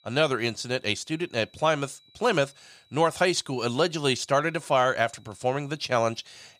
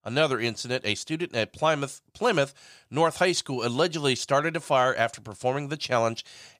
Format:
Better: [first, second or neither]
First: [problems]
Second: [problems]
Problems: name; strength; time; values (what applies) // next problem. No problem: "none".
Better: second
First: high-pitched whine; faint; throughout; 4 kHz, 30 dB below the speech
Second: none